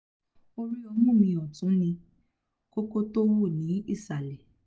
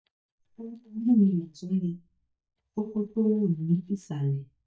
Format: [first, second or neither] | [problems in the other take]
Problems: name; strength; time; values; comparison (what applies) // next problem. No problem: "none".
first | noise reduction (neural mask model DeepFilterNet 3)